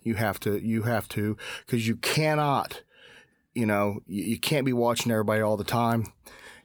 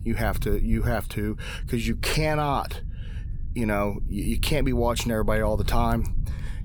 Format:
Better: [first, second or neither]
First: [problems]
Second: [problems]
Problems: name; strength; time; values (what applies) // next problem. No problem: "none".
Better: first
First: none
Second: low rumble; faint; throughout; 20 dB below the speech